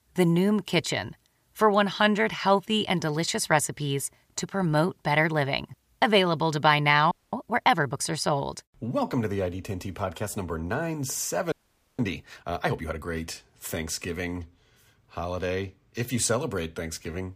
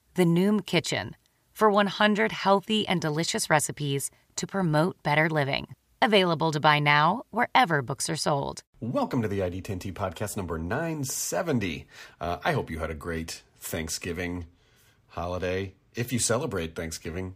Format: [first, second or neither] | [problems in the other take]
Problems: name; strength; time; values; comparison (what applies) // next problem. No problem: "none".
second | audio freezing; at 7 s and at 12 s